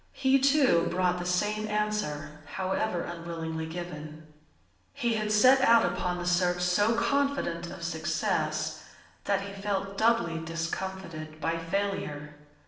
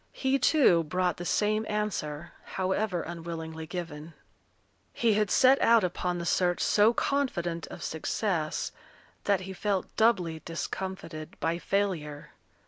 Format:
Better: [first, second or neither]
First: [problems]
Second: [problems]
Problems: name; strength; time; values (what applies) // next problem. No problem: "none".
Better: second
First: room echo; dies away in 0.9 s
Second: none